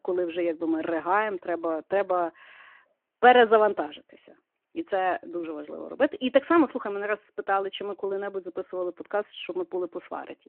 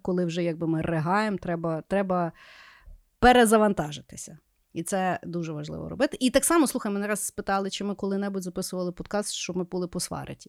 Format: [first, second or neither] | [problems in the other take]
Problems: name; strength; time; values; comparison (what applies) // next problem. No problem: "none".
second | phone-call audio